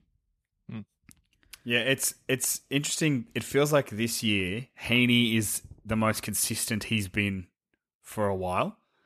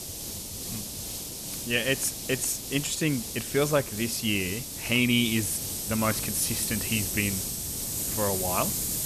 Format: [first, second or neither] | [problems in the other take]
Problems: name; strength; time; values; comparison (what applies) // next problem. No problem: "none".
first | hiss; loud; throughout; 3 dB below the speech